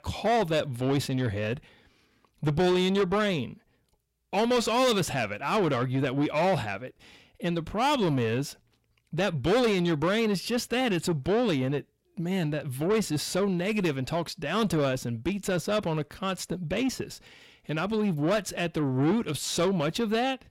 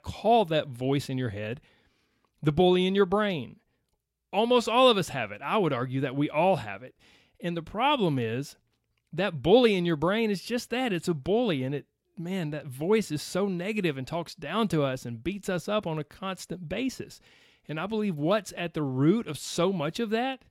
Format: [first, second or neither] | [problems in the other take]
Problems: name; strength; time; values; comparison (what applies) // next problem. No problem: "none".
second | distortion; heavy; 8 dB below the speech